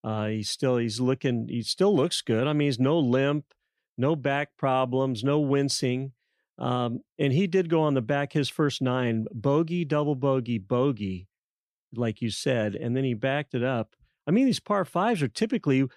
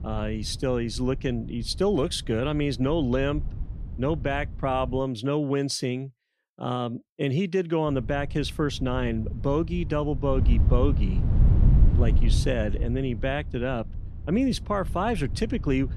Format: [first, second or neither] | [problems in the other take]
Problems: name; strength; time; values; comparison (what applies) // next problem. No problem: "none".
first | wind noise on the microphone; occasional gusts; until 5 s and from 8 s on; 15 dB below the speech